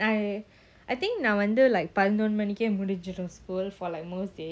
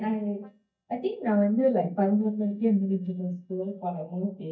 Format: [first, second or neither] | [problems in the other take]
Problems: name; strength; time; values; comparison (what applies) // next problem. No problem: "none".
first | noise reduction (neural mask model DeepFilterNet 3)